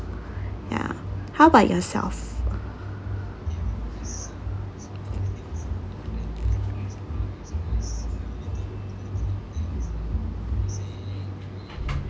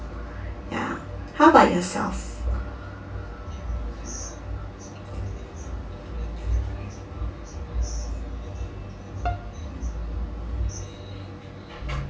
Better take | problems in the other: first | background sound (Bowed string instrument); 14 dB below the speech // room echo; dies away in 0.3 s

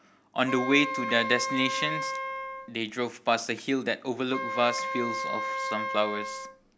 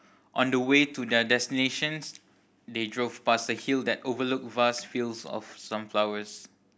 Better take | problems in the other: second | background sound (Wind instrument, woodwind instrument); 3 dB below the speech

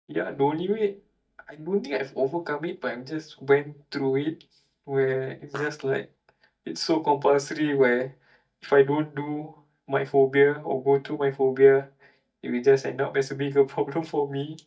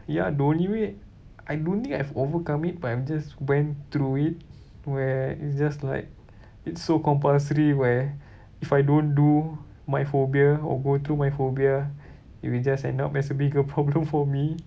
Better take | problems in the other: second | noise reduction (neural mask model DeepFilterNet 3)

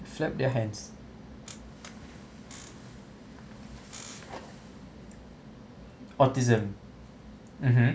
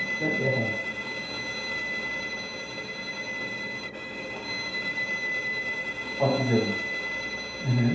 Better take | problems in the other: first | background sound (Bowed string instrument); as loud as the speech // room echo; dies away in 0.8 s

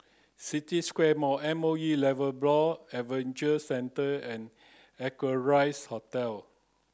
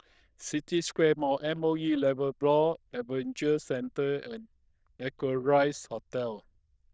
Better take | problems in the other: first | noise reduction (neural diffusion model UNIVERSE++)

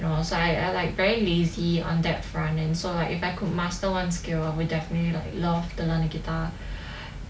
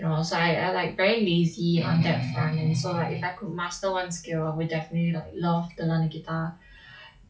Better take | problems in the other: first | noise reduction (classical method log-MMSE)

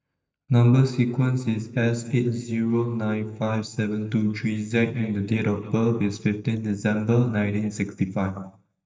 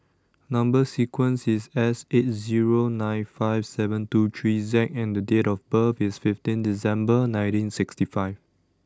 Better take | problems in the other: second | noise reduction (neural mask model DeepFilterNet 3)

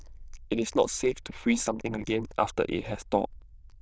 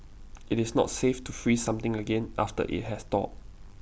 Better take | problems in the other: second | noise reduction (neural diffusion model UNIVERSE++)

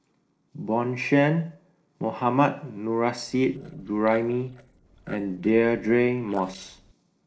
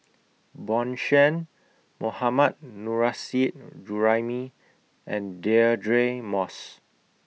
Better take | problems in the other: second | noise reduction (neural separator model SepFormer DNS4)

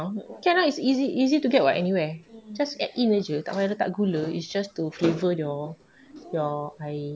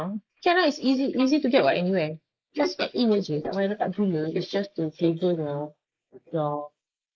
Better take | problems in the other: first | noise reduction (neural mask model Resemble Enhance denoiser)

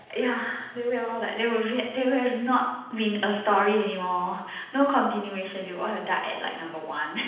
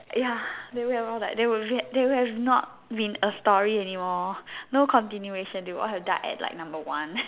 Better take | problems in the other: second | room echo; dies away in 0.9 s

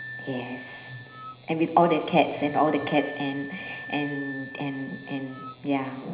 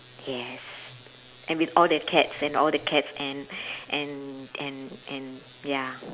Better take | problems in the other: second | background sound (Wind instrument, woodwind instrument); 15 dB below the speech // room echo; dies away in 0.9 s

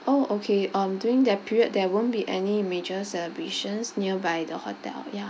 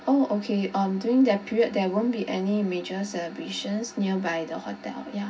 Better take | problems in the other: first | room echo; dies away in 0.4 s

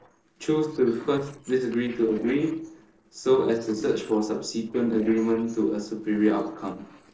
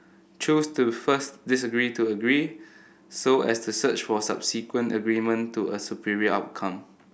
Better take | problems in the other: second | noise reduction (neural separator model SepFormer DNS4)

